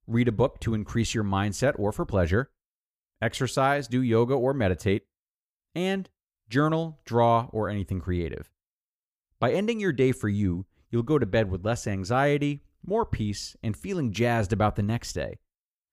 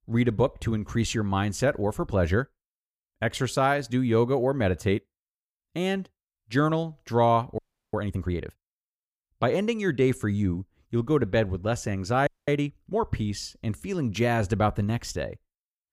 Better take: first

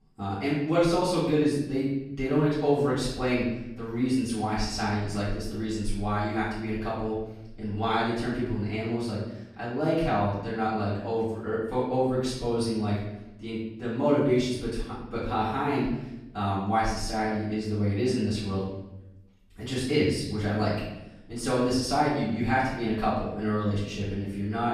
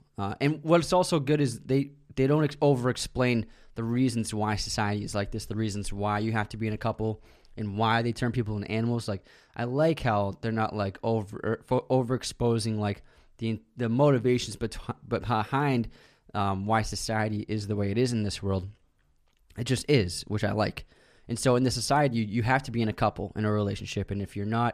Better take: second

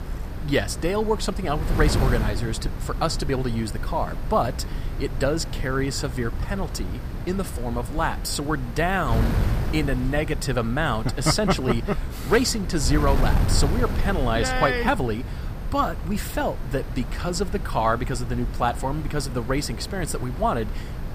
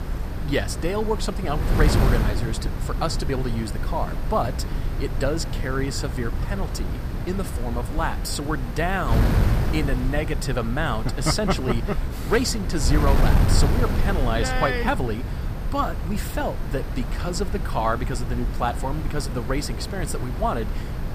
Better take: first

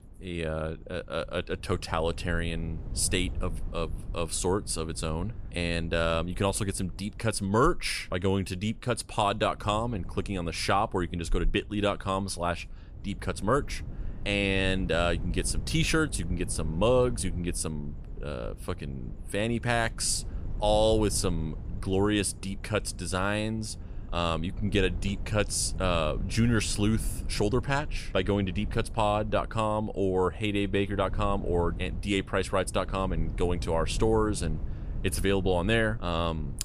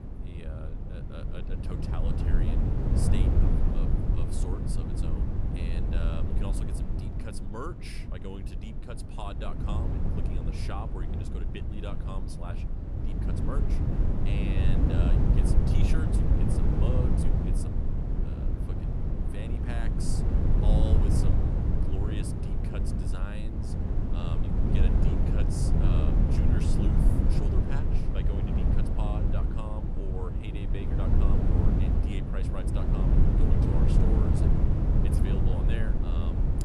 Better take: first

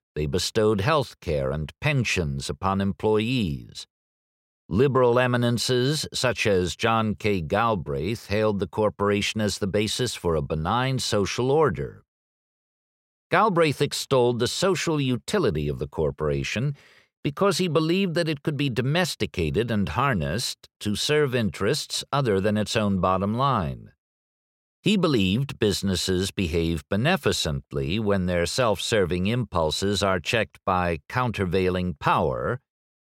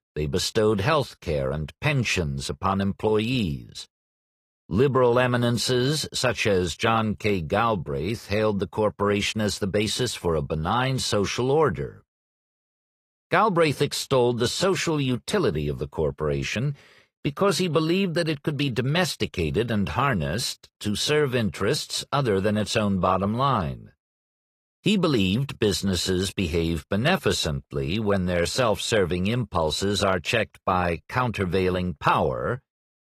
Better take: first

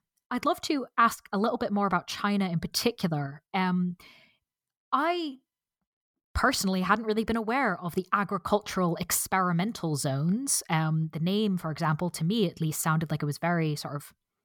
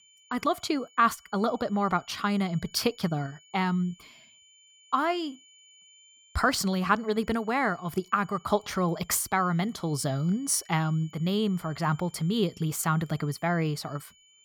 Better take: first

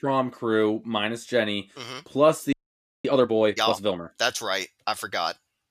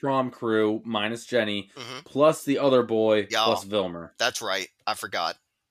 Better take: second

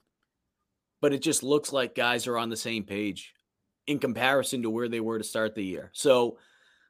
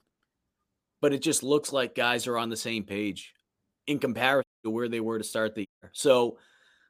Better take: first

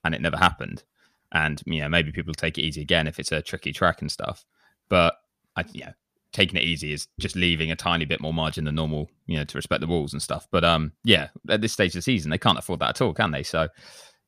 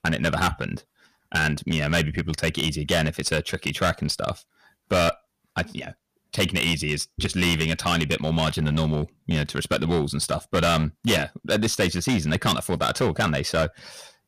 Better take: first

